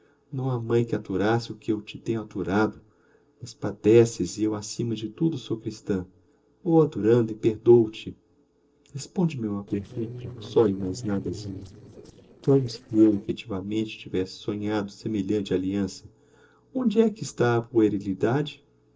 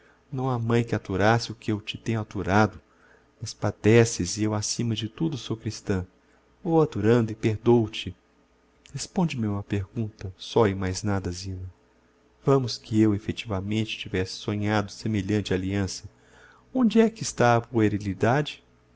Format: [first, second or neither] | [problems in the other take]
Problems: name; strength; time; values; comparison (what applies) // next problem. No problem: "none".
second | noise reduction (neural separator model SepFormer DNS4)